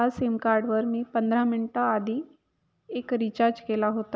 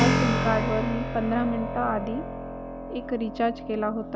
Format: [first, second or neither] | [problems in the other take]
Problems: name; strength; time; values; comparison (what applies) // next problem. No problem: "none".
first | background sound (Keyboard (musical)); 1 dB below the speech